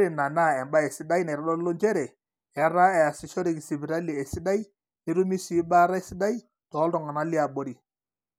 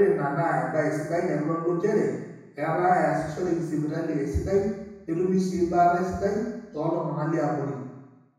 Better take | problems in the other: first | room echo; dies away in 1.1 s

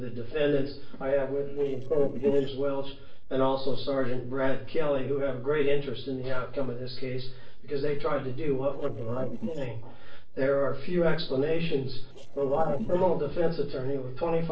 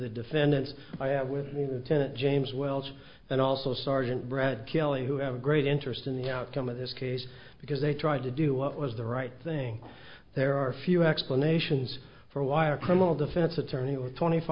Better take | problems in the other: second | noise reduction (neural separator model SepFormer DNS4)

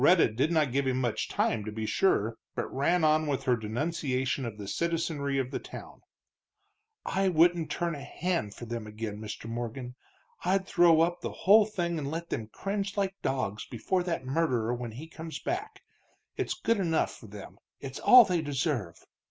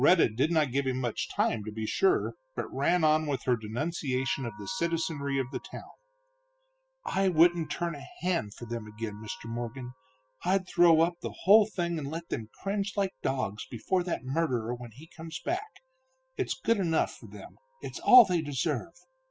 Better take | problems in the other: first | noise reduction (classical method spectral subtraction)

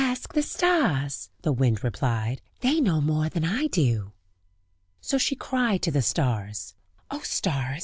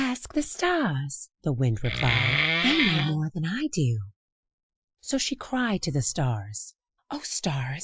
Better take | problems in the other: first | noise reduction (classical method Wiener filter)

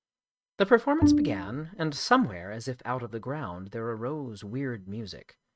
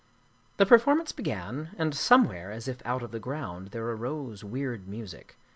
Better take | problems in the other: second | noise reduction (neural mask model RNNoise)

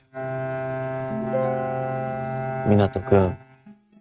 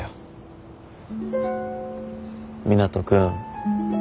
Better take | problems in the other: second | noise reduction (neural mask model RNNoise)

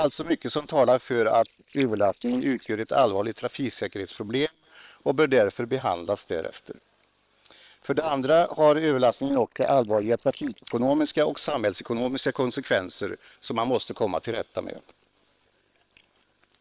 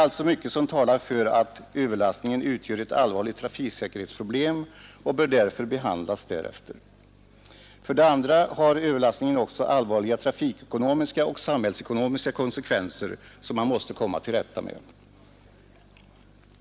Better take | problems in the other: second | noise reduction (neural separator model SepFormer WHAM!)

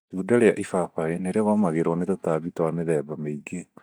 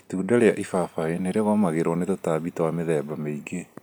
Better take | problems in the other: second | noise reduction (neural mask model DeepFilterNet 3)

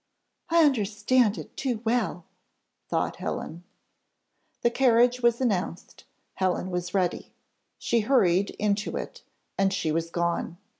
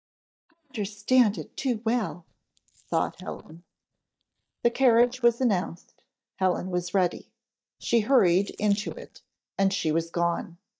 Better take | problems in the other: first | noise reduction (neural mask model DeepFilterNet 3)

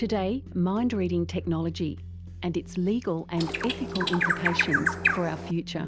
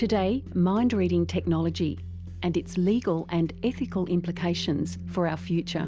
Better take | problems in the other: second | background sound (Bird); as loud as the speech

